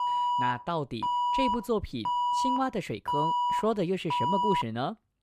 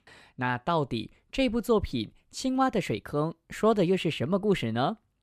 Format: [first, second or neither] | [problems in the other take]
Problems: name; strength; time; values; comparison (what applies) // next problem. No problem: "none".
second | alarm; loud; until 4.5 s; peak 5 dB above the speech